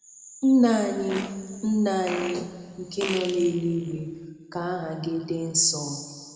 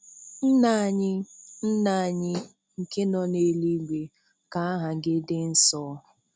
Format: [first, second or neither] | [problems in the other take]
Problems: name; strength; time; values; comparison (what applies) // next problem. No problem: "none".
second | background sound (Fart); 13 dB below the speech // room echo; dies away in 2 s